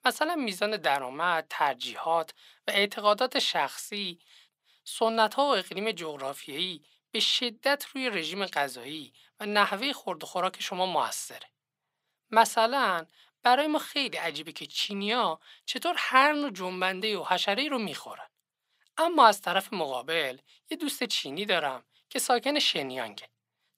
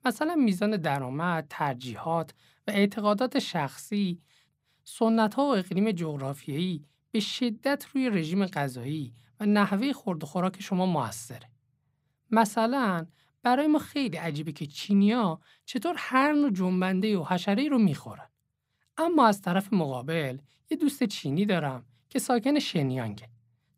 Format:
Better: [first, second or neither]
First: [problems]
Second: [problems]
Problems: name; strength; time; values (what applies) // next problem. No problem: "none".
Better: second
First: thin; somewhat; fading below 550 Hz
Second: none